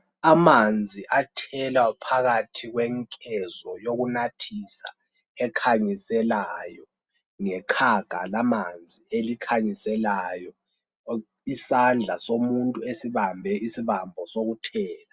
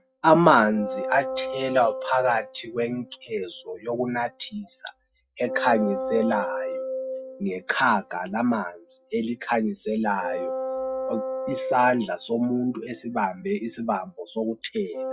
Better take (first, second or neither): first